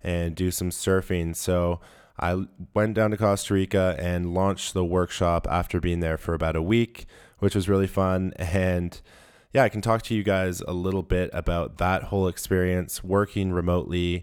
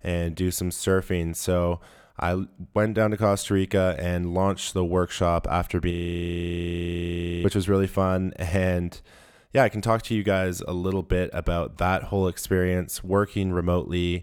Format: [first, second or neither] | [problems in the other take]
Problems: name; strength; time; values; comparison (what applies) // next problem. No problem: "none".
first | audio freezing; at 6 s for 1.5 s